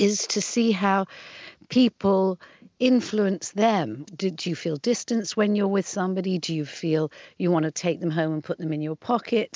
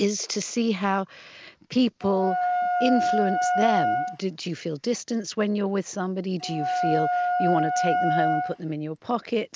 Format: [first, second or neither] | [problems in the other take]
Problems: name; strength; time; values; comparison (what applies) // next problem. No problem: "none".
first | background sound (Wind instrument, woodwind instrument); 1 dB above the speech